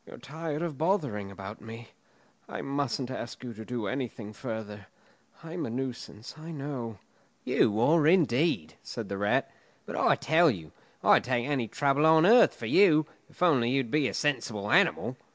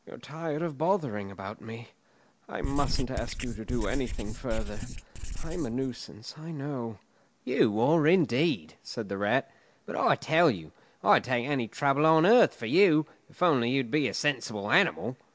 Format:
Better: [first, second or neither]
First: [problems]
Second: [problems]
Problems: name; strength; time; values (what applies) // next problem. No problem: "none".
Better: first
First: none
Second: background sound (Writing); 4 dB below the speech